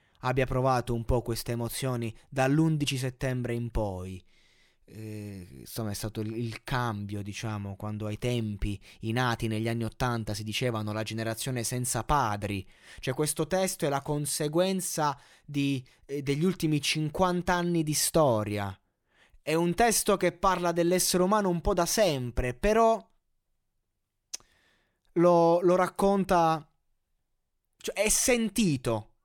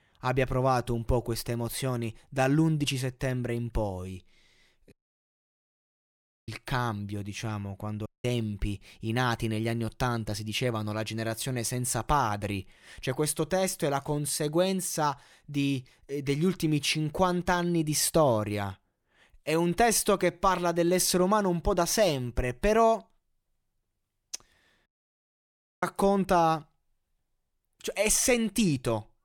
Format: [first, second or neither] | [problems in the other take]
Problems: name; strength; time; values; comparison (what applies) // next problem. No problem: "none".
first | audio cutting out; at 5 s for 1.5 s, at 8 s and at 25 s for 1 s